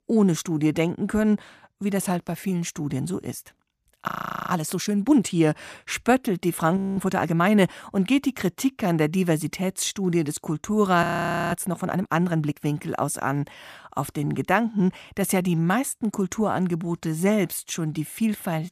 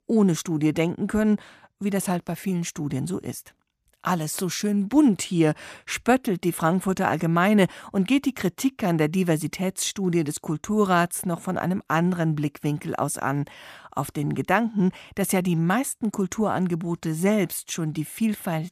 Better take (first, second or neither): second